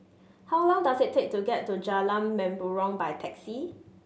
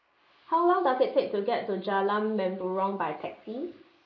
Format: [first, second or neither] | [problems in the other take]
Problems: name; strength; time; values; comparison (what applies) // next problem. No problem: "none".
first | noise reduction (neural mask model Resemble Enhance denoiser)